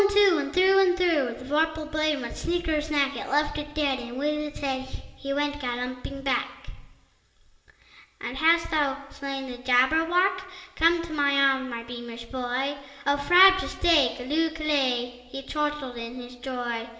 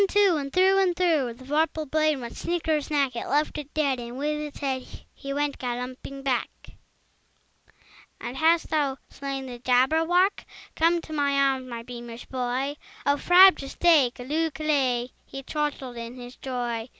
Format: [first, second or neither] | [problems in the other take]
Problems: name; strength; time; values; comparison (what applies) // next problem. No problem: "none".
second | room echo; dies away in 1.5 s